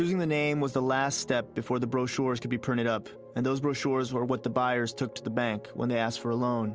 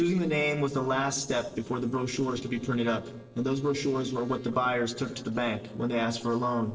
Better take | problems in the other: first | noise reduction (neural separator model SepFormer DNS4)

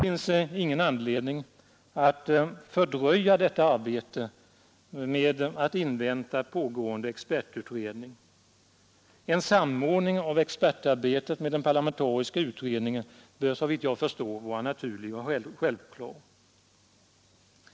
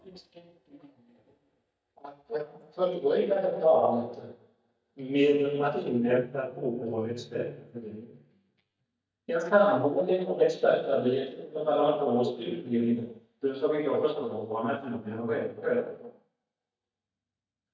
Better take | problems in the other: first | noise reduction (neural mask model DeepFilterNet 3)

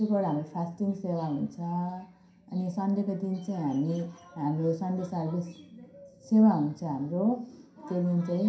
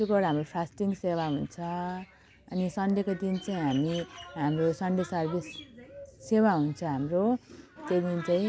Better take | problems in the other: second | room echo; dies away in 0.5 s

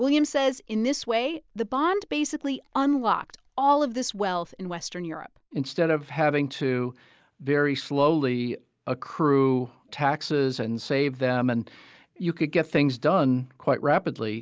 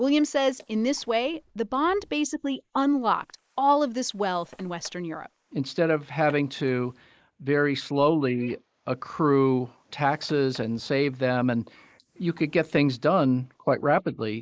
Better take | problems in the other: first | noise reduction (neural mask model Resemble Enhance denoiser)

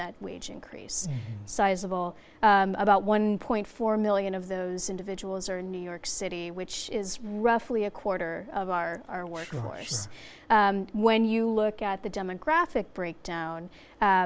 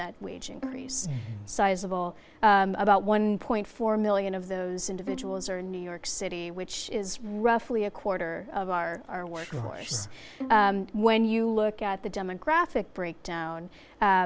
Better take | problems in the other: first | background sound (Bowed string instrument); 15 dB below the speech

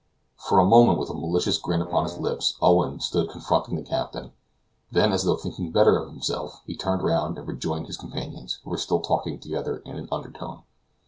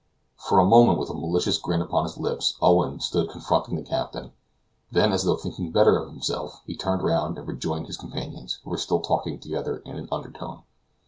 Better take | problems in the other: second | background sound (Wind instrument, woodwind instrument); 14 dB below the speech

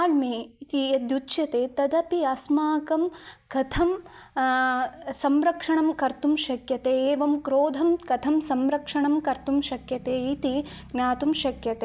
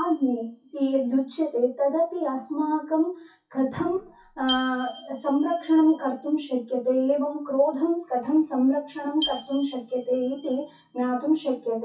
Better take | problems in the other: first | noise reduction (classical method WPE with log-MMSE)

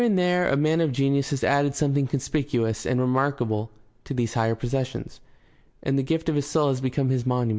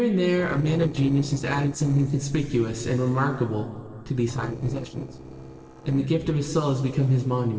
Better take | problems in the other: first | noise reduction (neural separator model SepFormer DNS4)

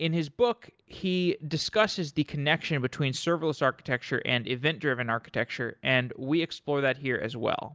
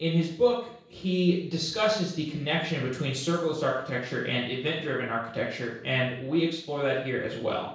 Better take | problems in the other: first | room echo; dies away in 0.7 s

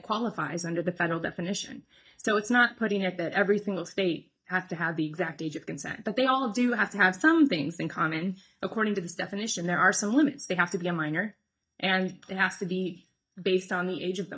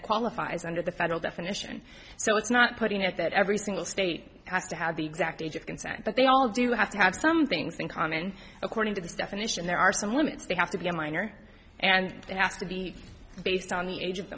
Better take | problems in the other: second | noise reduction (neural mask model DeepFilterNet 3)

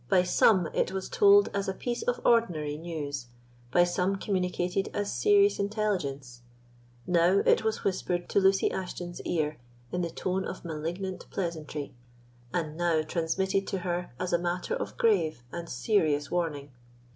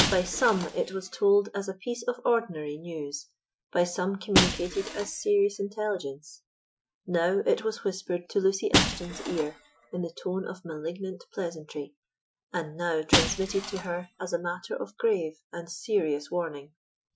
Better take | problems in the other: first | noise reduction (classical method Wiener filter)

